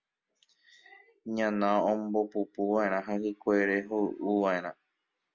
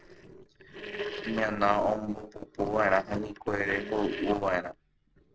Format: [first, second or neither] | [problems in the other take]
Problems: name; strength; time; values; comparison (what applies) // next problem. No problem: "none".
first | noise reduction (neural separator model SepFormer DNS4)